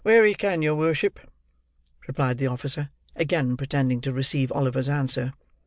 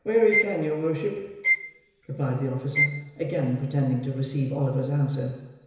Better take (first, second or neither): first